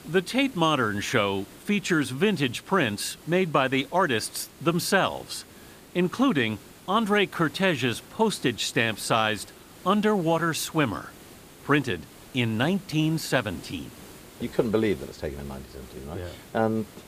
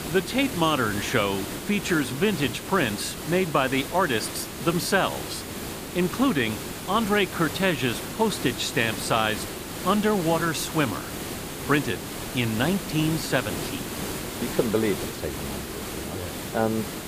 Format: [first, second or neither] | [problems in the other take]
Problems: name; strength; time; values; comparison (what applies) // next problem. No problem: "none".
first | hiss; loud; throughout; 7 dB below the speech; faint in the first